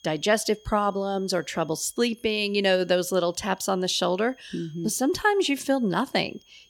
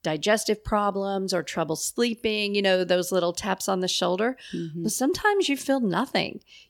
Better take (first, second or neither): second